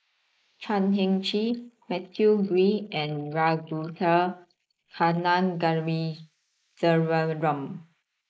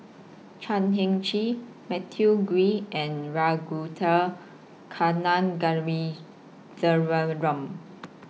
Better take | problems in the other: second | noise reduction (neural mask model Resemble Enhance denoiser)

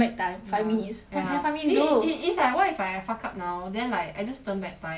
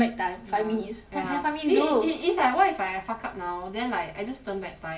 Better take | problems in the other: first | room echo; dies away in 0.7 s

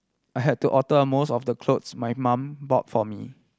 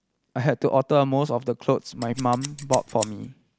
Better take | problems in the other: first | background sound (Scissors); 13 dB below the speech

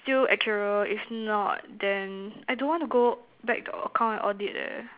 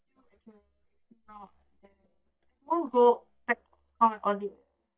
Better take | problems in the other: first | noise reduction (neural mask model DeepFilterNet 3)

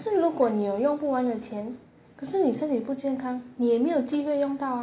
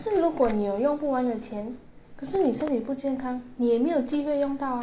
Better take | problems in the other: first | background sound (Liquid); 18 dB below the speech

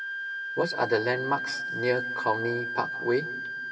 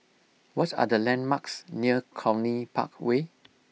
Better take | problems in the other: second | background sound (Wind instrument, woodwind instrument); 4 dB below the speech // room echo; dies away in 2.8 s

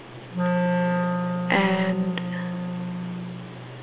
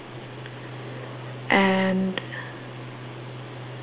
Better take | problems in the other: second | background sound (Wind instrument, woodwind instrument); 3 dB above the speech

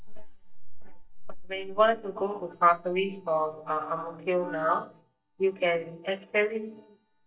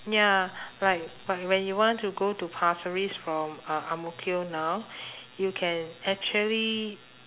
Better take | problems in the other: second | noise reduction (neural mask model DeepFilterNet 3)

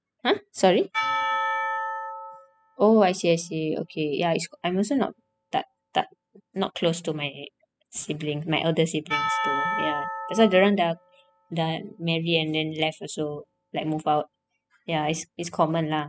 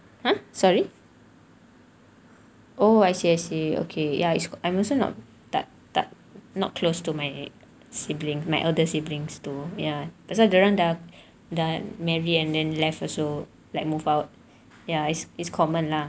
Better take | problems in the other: second | noise reduction (classical method spectral subtraction)

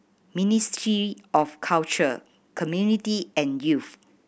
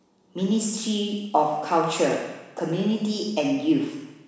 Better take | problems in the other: first | room echo; dies away in 1 s

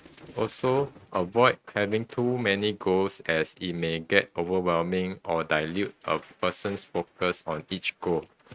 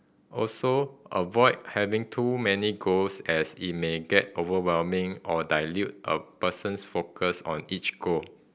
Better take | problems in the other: second | noise reduction (neural mask model RNNoise)

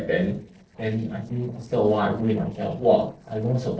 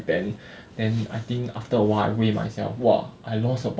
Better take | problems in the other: second | noise reduction (neural separator model SepFormer DNS4)

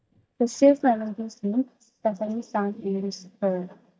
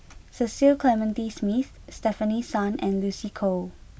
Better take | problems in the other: second | noise reduction (neural mask model DeepFilterNet 3)

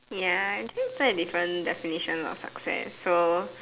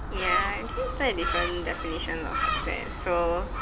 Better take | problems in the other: first | background sound (Gull, seagull); as loud as the speech

